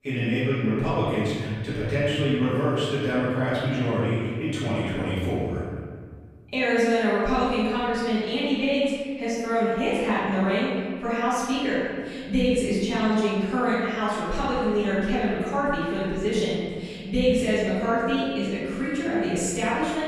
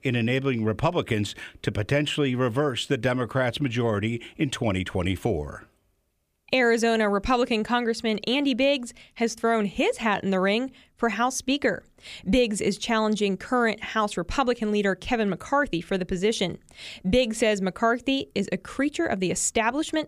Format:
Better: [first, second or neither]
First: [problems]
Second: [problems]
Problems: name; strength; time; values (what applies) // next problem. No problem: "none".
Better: second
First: room echo; strong; dies away in 1.9 s // off-mic speech; far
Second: none